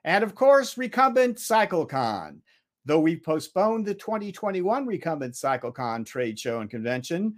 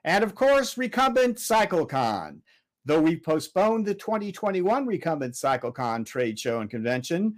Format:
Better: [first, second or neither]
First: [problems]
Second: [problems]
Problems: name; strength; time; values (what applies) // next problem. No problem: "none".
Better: first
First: none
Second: distortion; slight; 5% of the sound clipped